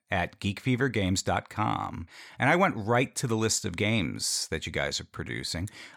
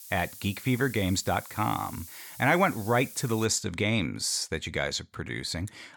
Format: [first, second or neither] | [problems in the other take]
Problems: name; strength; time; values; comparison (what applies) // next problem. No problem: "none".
first | hiss; noticeable; until 3.5 s; 15 dB below the speech